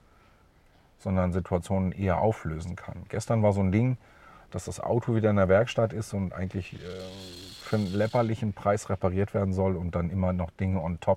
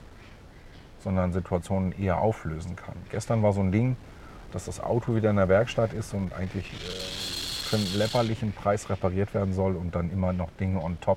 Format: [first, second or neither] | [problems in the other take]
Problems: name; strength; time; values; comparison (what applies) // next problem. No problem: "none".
first | wind noise on the microphone; heavy; 6 dB below the speech; occasional gusts in the first